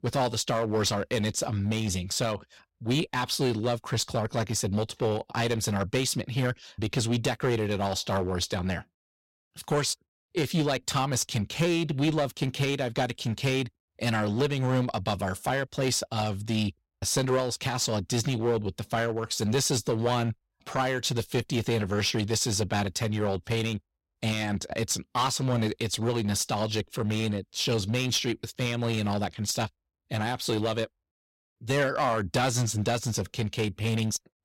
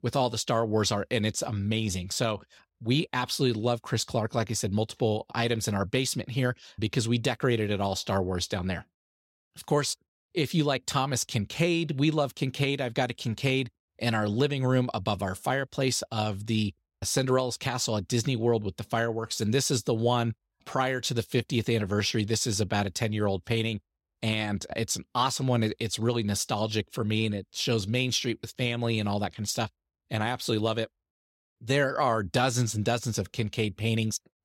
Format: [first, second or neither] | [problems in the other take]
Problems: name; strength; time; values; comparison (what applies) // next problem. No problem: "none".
second | distortion; slight; 6% of the sound clipped